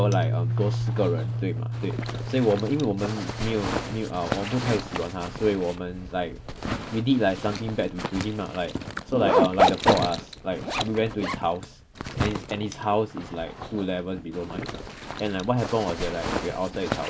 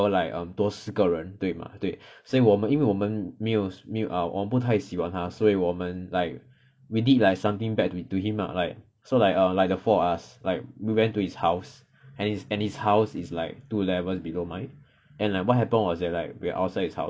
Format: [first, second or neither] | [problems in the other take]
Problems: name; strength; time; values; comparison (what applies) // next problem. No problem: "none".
second | background sound (Piano + Zipper (clothing)); 2 dB below the speech